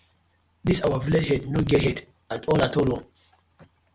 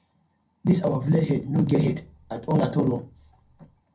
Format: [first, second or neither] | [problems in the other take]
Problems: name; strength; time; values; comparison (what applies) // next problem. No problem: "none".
first | room echo; dies away in 0.2 s